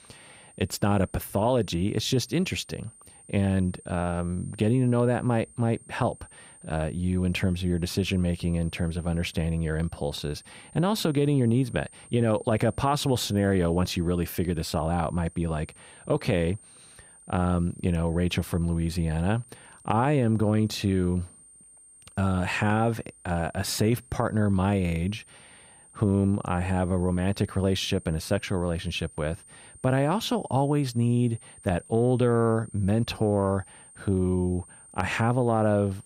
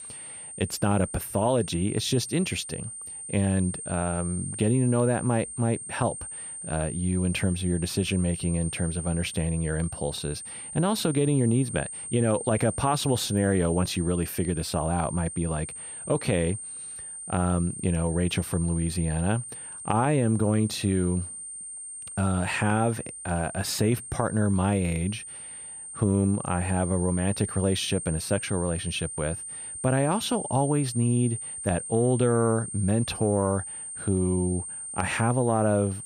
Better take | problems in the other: first | high-pitched whine; loud; throughout; 8.5 kHz, 8 dB below the speech; faint in the first

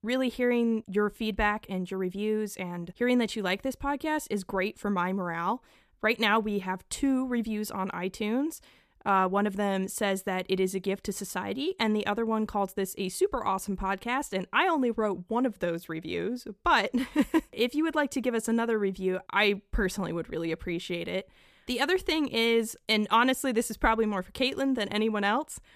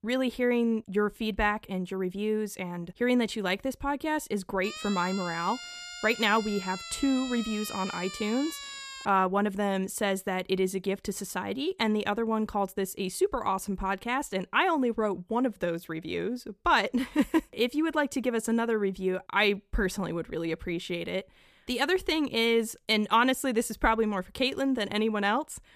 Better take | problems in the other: first | siren; noticeable; from 4.5 to 9 s; peak 9 dB below the speech

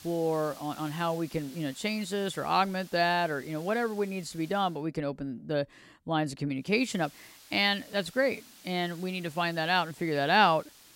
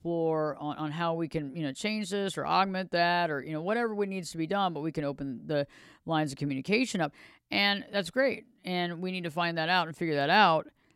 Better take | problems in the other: second | hiss; faint; until 4.5 s and from 6.5 s on; 20 dB below the speech

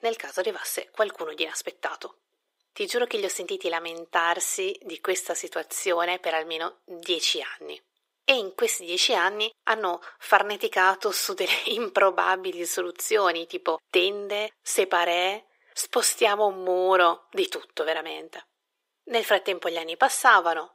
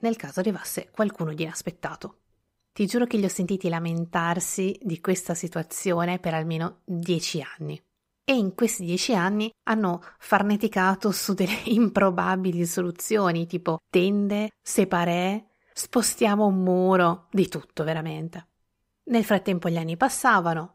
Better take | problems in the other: second | thin; very; fading below 350 Hz

